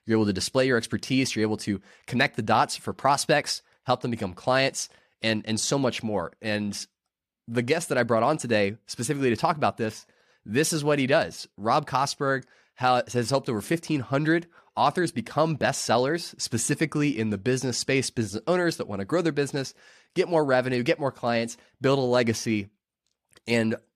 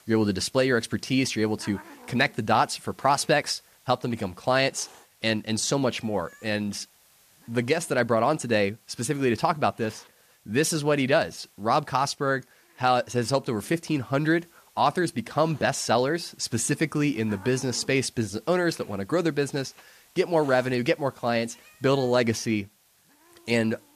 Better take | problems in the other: first | hiss; faint; throughout; 25 dB below the speech

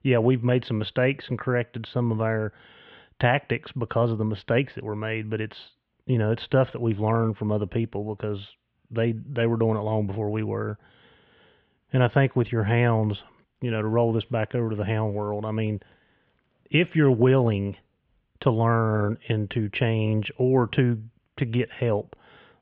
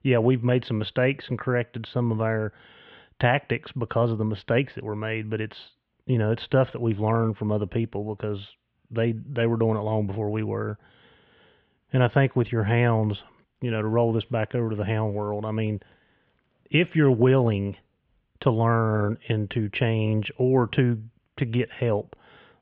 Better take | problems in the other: neither | muffled; very; fading above 3 kHz; the same in both

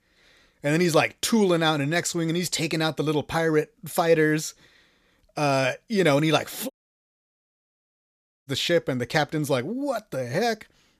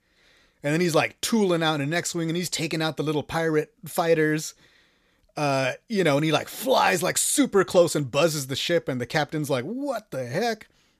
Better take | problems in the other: second | audio cutting out; at 6.5 s for 2 s

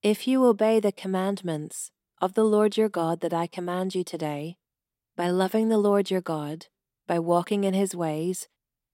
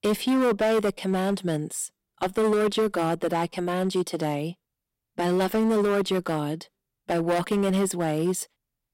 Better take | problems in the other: first | distortion; heavy; 13% of the sound clipped

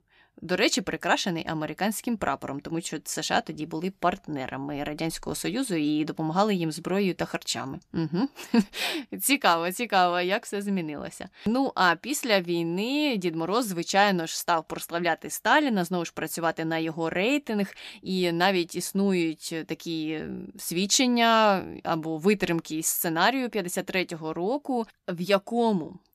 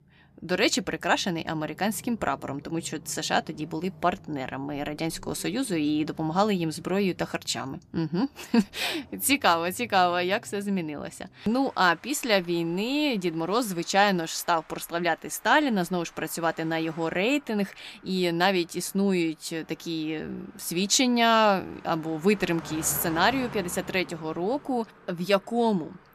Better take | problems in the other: first | traffic noise; faint; throughout; 20 dB below the speech

